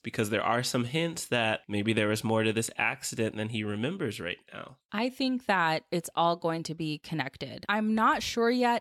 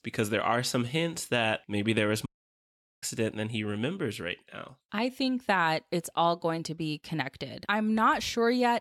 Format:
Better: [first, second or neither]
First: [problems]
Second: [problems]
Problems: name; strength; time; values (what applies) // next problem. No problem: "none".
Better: first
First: none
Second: audio cutting out; at 2.5 s for 1 s